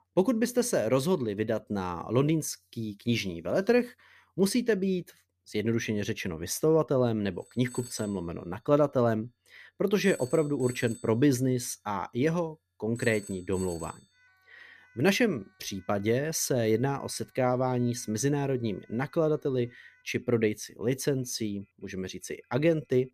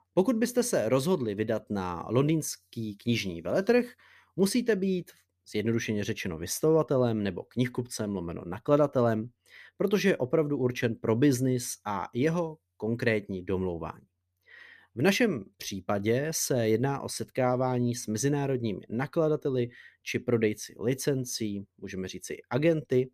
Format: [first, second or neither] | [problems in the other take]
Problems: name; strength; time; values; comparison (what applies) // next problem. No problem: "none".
second | alarms or sirens; noticeable; from 7.5 s on; 20 dB below the speech